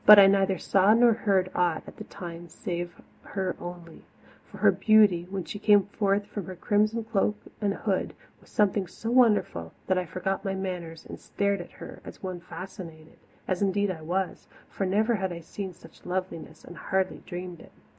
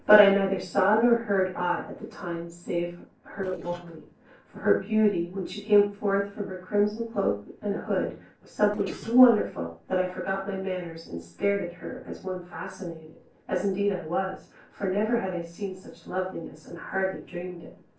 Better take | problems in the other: first | noise reduction (neural separator model SepFormer DNS4)

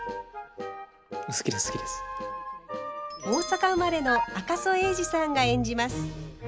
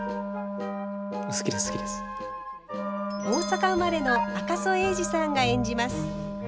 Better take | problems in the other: first | background sound (Wind instrument, woodwind instrument); 5 dB below the speech

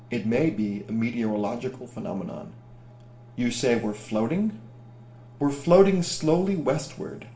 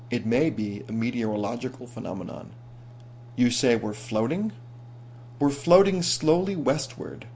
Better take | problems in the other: second | room echo; dies away in 0.8 s

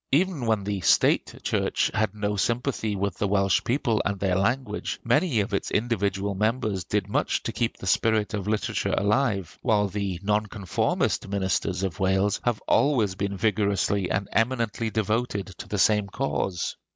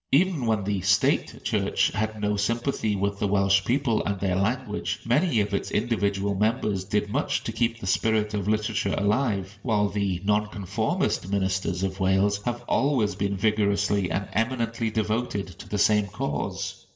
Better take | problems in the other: first | room echo; dies away in 0.7 s

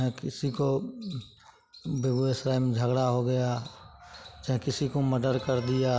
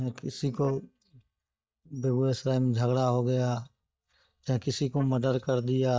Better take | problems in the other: first | noise reduction (neural mask model DeepFilterNet 3)

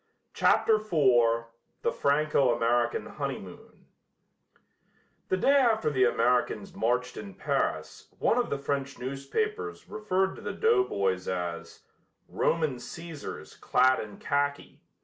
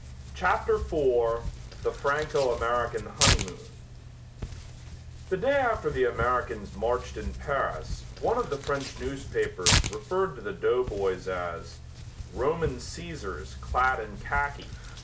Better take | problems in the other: first | background sound (Tearing); 5 dB below the speech

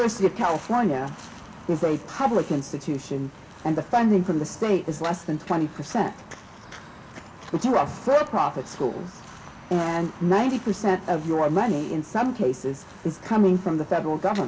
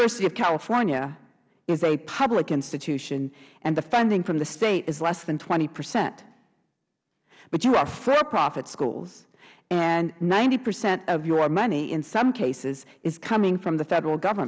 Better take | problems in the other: second | background sound (Walk, footsteps); 19 dB below the speech // room echo; dies away in 0.2 s

